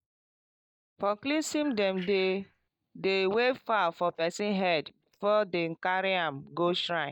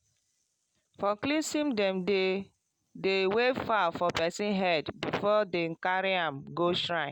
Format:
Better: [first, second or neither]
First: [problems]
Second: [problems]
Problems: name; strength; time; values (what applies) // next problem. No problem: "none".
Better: second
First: noise reduction (neural mask model DeepFilterNet 3)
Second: none